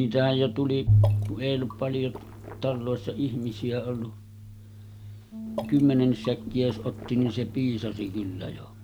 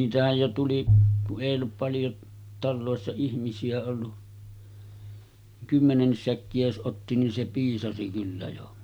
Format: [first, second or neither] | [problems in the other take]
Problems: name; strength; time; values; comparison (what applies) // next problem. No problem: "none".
second | background sound (Water / Liquid + Bass guitar); 15 dB below the speech